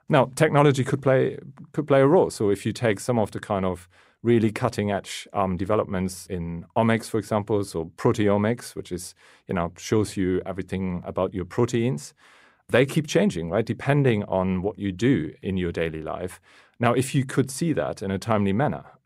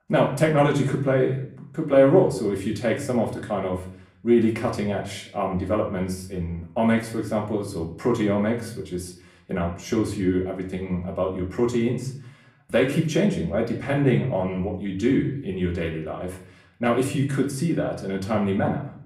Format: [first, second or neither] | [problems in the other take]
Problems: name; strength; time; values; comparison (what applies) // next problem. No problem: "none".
first | room echo; slight; dies away in 0.5 s // off-mic speech; far